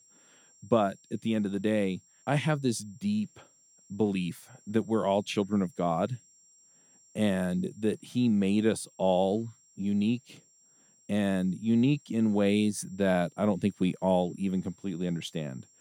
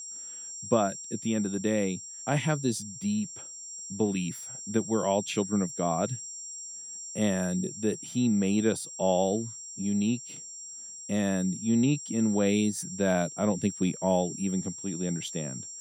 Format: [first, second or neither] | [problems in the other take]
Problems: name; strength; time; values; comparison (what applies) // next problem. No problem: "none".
first | high-pitched whine; loud; throughout; 7.5 kHz, 10 dB below the speech; faint in the first